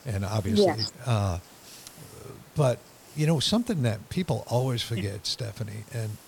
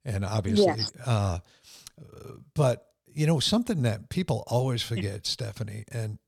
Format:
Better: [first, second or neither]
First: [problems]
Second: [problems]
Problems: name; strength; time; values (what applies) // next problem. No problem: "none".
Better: second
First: hiss; faint; throughout; 20 dB below the speech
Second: none